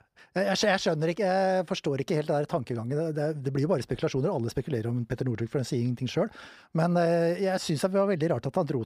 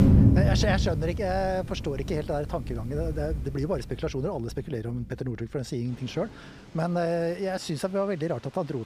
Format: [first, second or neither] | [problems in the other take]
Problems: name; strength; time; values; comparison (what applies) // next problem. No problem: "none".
first | rain or running water; very loud; throughout; 2 dB above the speech